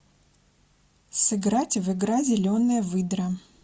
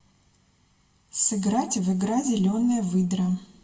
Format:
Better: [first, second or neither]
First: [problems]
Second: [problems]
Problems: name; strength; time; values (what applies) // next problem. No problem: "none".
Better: first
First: none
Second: room echo; dies away in 0.6 s